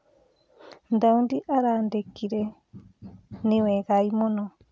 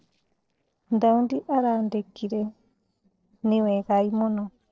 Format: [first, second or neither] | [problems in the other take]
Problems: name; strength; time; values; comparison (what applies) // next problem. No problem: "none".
first | noise reduction (neural separator model SepFormer DNS4)